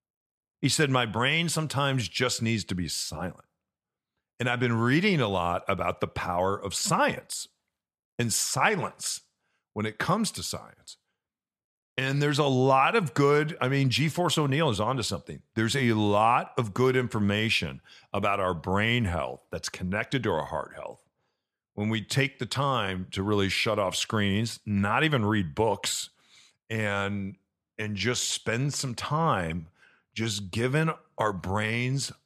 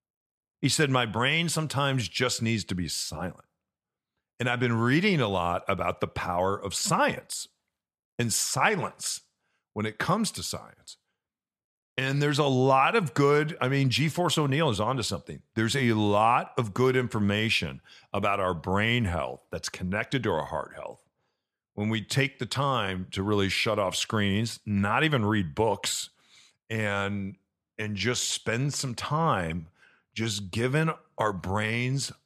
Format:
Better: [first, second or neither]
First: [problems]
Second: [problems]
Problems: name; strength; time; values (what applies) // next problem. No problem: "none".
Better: neither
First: none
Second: none